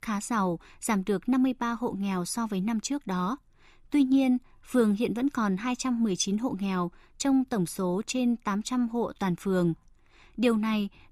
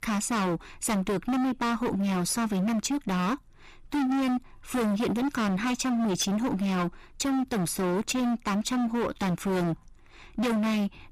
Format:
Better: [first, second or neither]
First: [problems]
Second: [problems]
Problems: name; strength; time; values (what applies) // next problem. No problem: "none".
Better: first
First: none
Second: distortion; heavy; 34% of the sound clipped